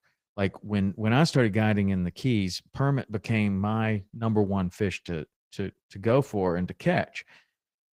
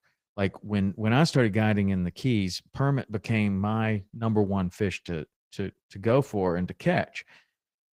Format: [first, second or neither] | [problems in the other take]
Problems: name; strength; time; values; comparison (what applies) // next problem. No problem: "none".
neither | garbled, watery; slightly; nothing above 15.5 kHz; the same in both